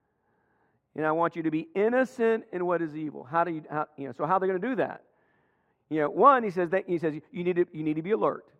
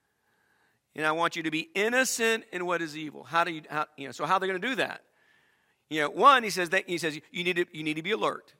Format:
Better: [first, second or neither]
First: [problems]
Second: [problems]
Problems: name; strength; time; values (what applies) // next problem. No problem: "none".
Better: second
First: muffled; very; fading above 2 kHz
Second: none